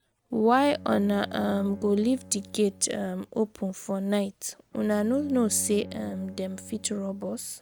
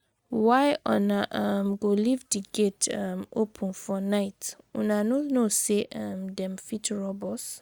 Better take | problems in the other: second | background sound (Bowed string instrument); 18 dB below the speech

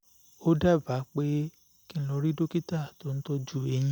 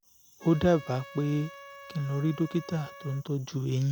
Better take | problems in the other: first | background sound (Trumpet); 19 dB below the speech

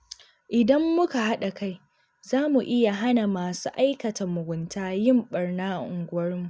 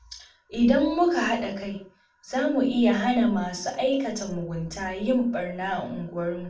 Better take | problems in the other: first | room echo; dies away in 0.4 s

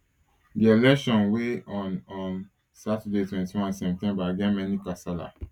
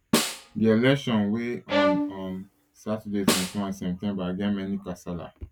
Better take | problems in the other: first | background sound (Snare drum + Bowed string instrument); 2 dB below the speech

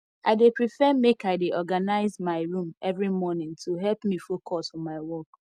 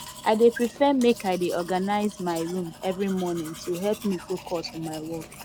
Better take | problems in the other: first | background sound (Domestic sounds, home sounds); 17 dB below the speech

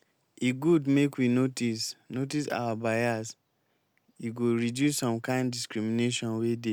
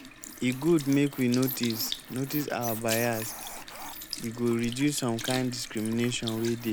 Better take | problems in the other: first | background sound (Sink (filling or washing) / Liquid + Squeak); 10 dB below the speech

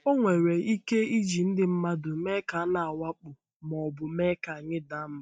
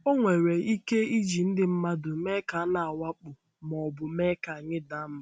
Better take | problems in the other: second | noise reduction (neural mask model DeepFilterNet 3)

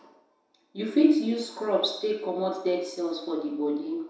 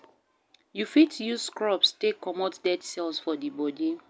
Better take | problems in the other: second | room echo; dies away in 0.7 s

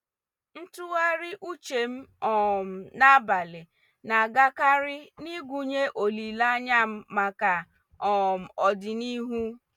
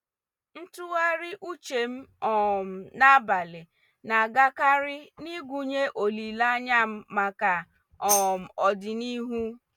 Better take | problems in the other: first | background sound (Tambourine); 7 dB below the speech

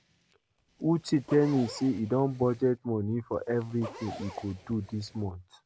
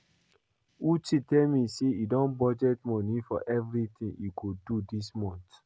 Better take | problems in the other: second | background sound (Zipper (clothing)); 17 dB below the speech

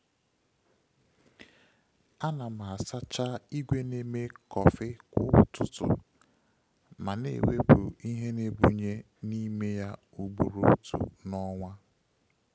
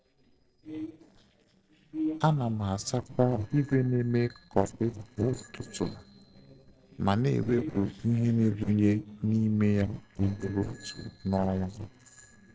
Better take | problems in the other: first | noise reduction (neural separator model SepFormer DNS4)

